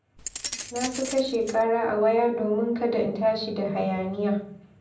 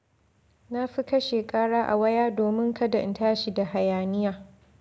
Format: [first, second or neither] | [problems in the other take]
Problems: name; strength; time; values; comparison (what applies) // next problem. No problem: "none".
second | background sound (Keys jangling); 10 dB below the speech // room echo; dies away in 0.6 s